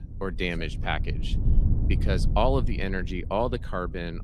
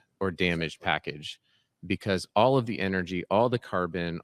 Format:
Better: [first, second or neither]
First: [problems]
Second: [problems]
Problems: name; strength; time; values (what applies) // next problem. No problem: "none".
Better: second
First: low rumble; noticeable; throughout; 15 dB below the speech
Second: none